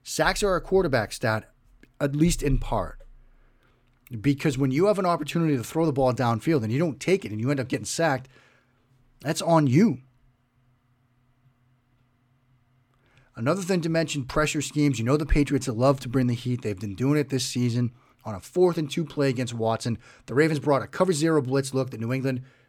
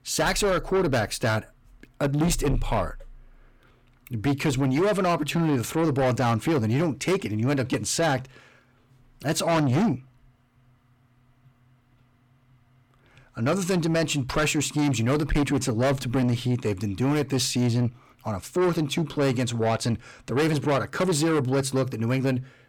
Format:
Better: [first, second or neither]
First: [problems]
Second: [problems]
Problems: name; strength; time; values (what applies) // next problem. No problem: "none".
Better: first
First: none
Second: distortion; heavy; 8 dB below the speech